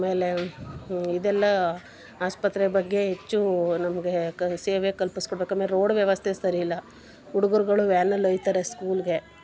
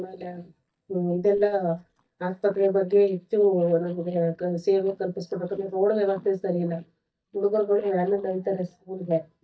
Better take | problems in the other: first | noise reduction (neural mask model DeepFilterNet 3)

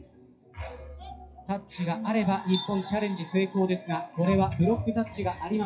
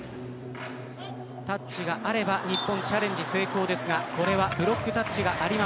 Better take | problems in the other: second | noise reduction (classical method WPE with log-MMSE)

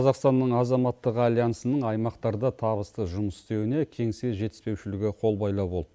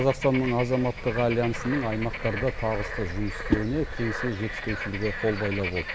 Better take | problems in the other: first | background sound (Whoosh, swoosh, swish + Bird / Frog); 5 dB below the speech

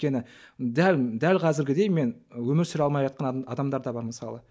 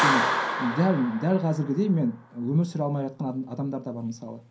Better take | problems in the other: first | background sound (Clapping); 5 dB below the speech // room echo; dies away in 0.3 s

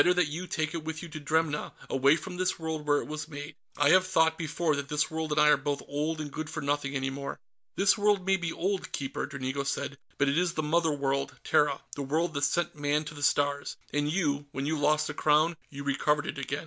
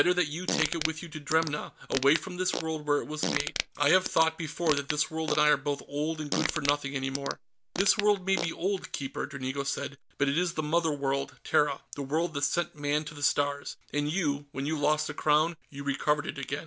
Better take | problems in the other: first | background sound (Fart); 7 dB below the speech

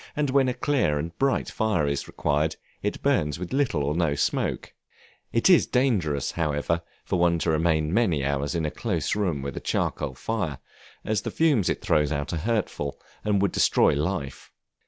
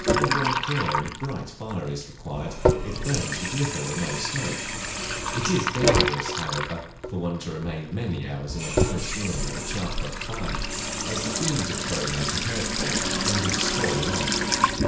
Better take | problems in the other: first | background sound (Sink (filling or washing) / Water tap, faucet); 4 dB above the speech // room echo; dies away in 0.5 s

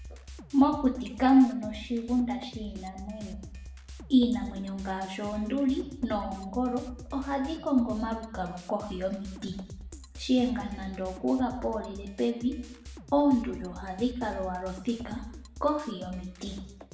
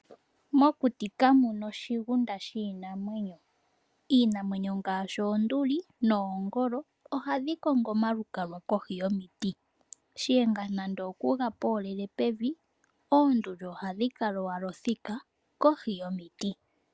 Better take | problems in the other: second | background sound (Drum kit); 15 dB below the speech // room echo; dies away in 0.8 s

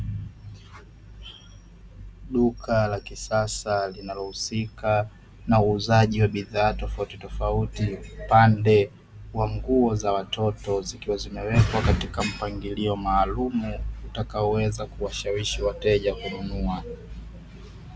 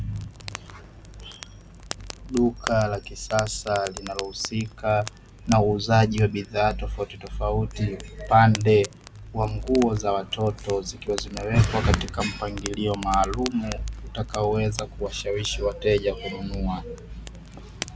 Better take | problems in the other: first | background sound (Fire); 16 dB below the speech

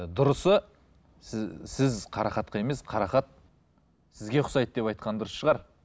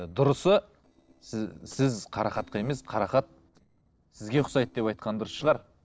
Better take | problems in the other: first | noise reduction (neural separator model SepFormer DNS4)

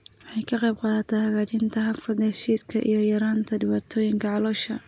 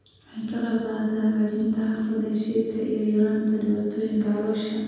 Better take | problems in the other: first | room echo; dies away in 1.2 s

